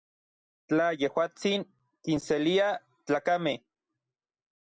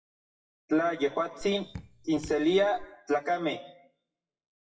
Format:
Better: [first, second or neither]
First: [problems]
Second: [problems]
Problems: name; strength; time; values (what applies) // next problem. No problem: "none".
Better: first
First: none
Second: noise reduction (classical method WPE with log-MMSE)